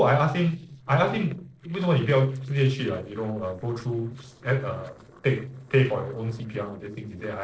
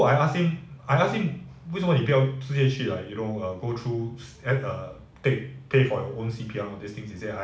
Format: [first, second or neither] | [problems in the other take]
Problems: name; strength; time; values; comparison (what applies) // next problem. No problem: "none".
second | noise reduction (neural separator model SepFormer DNS4)